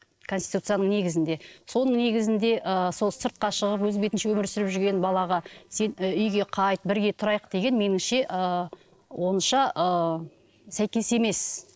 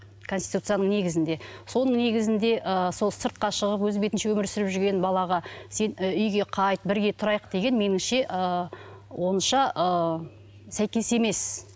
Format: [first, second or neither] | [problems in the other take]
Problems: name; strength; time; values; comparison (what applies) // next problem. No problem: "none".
second | noise reduction (neural separator model SepFormer DNS4)